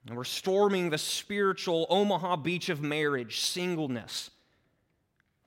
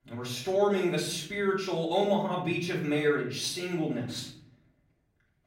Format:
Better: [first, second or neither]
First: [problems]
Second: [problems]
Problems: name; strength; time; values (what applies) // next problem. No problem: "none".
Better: first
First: none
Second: off-mic speech; far // room echo; noticeable; dies away in 0.6 s